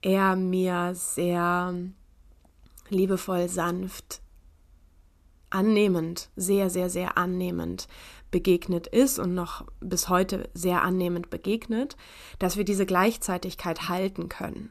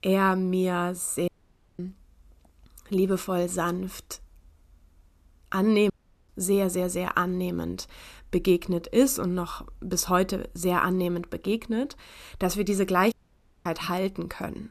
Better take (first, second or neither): first